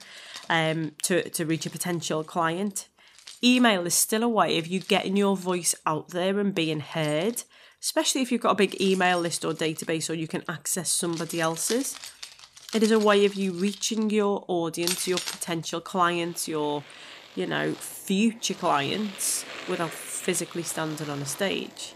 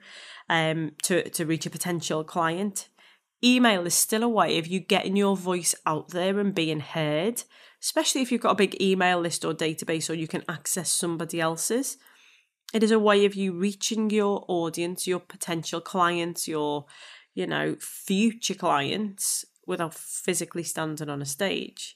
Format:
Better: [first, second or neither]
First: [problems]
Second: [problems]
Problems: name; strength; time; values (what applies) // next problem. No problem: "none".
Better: second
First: household noises; noticeable; throughout; 15 dB below the speech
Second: none